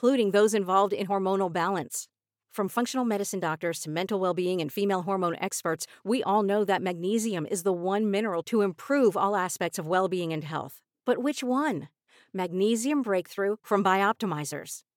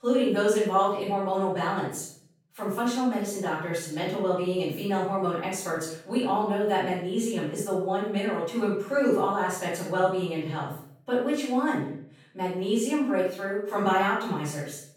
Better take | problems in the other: first | off-mic speech; far // room echo; noticeable; dies away in 0.5 s

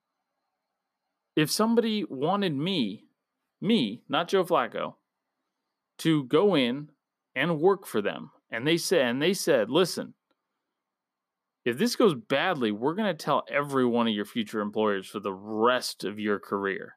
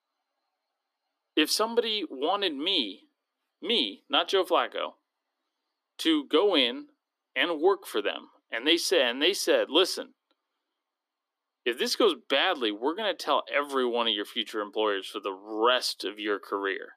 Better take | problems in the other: first | thin; somewhat; fading below 300 Hz

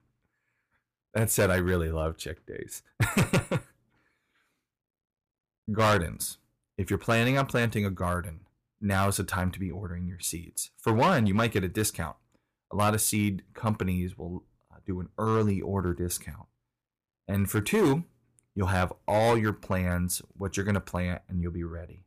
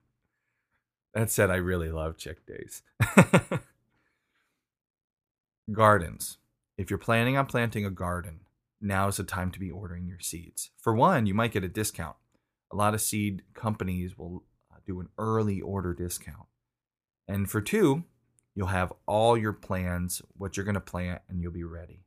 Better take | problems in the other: second | distortion; heavy; 3% of the sound clipped

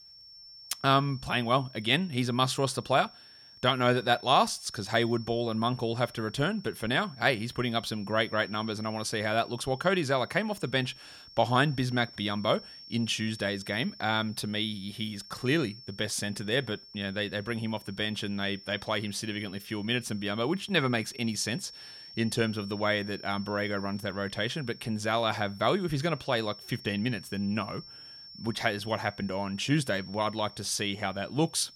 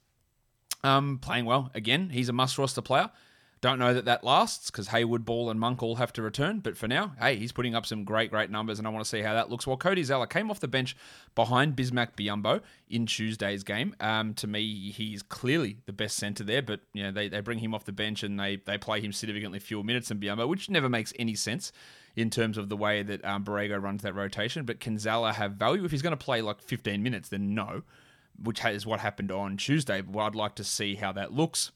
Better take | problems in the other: second | high-pitched whine; noticeable; throughout; 5.5 kHz, 15 dB below the speech

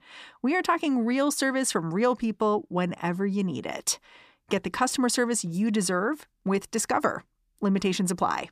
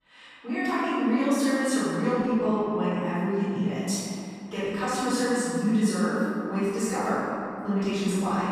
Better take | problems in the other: first | off-mic speech; far // room echo; strong; dies away in 2.5 s

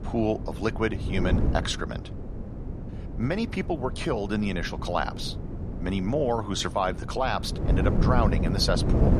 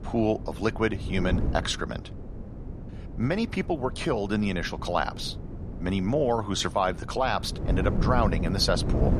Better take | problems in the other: second | wind noise on the microphone; heavy; 10 dB below the speech; occasional gusts in the second

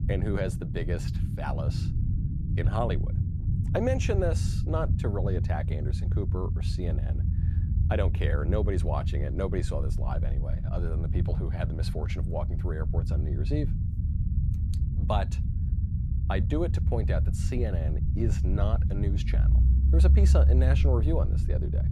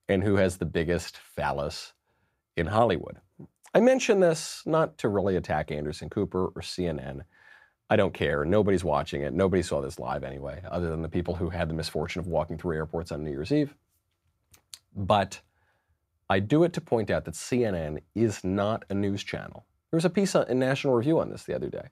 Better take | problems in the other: second | low rumble; loud; throughout; 7 dB below the speech

